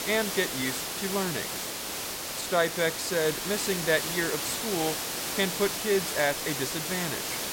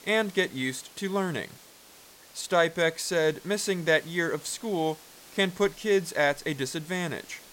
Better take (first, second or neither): second